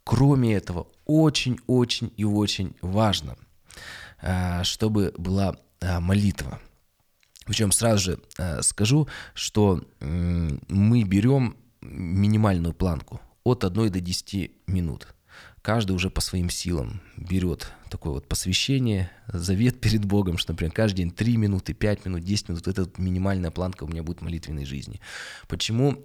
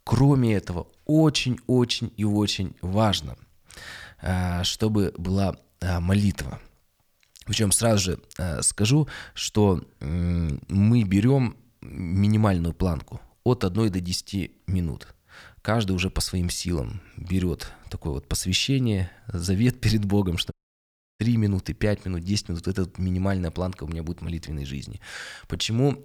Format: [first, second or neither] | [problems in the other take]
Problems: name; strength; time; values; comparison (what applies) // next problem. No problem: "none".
first | audio cutting out; at 21 s for 0.5 s